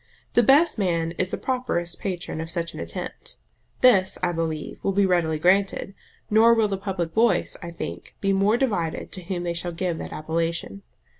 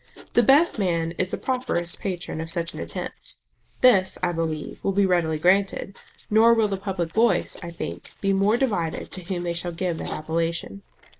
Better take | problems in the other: first | noise reduction (neural mask model Resemble Enhance denoiser)

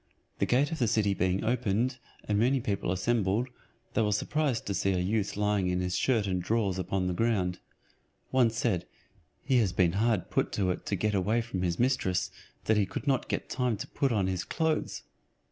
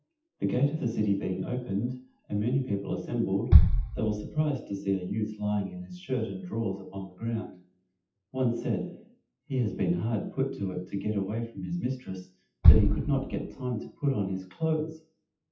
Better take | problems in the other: first | noise reduction (classical method WPE with log-MMSE)

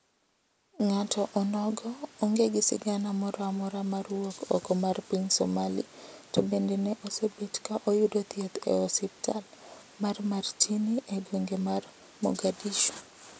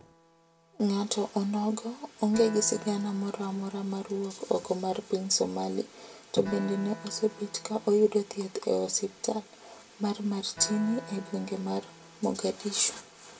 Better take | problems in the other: first | background sound (Acoustic guitar); 19 dB below the speech // room echo; dies away in 0.2 s

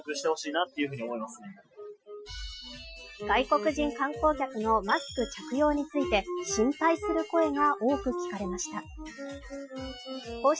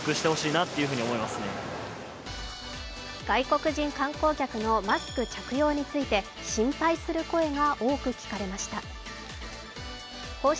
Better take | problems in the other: second | noise reduction (classical method Wiener filter)

